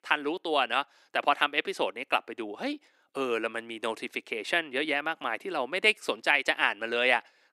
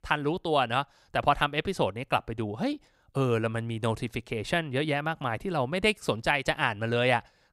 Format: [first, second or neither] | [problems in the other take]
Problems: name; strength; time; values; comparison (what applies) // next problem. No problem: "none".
second | thin; somewhat; fading below 300 Hz